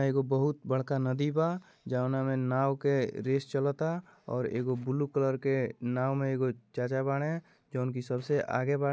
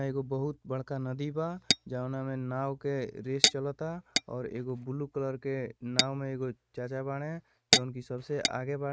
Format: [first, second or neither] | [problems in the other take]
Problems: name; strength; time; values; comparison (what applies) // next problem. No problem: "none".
first | noise reduction (neural mask model RNNoise)